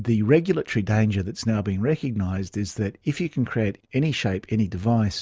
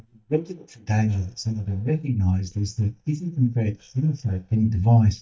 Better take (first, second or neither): first